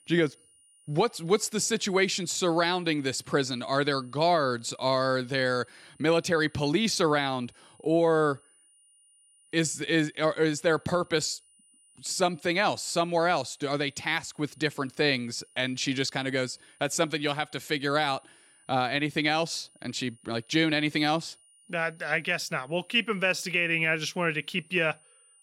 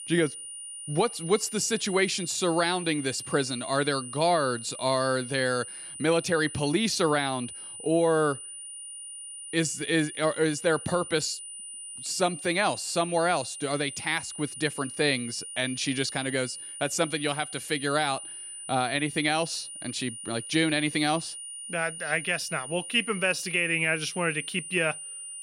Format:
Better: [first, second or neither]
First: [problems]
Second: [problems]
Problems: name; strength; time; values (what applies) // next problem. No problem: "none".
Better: first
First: high-pitched whine; faint; throughout; 9.5 kHz, 30 dB below the speech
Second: high-pitched whine; loud; throughout; 9.5 kHz, 10 dB below the speech